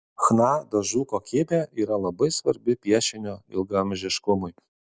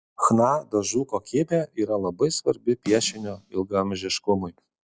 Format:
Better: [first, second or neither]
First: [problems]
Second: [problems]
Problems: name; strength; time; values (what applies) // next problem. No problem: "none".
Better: first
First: none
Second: noise reduction (classical method log-MMSE)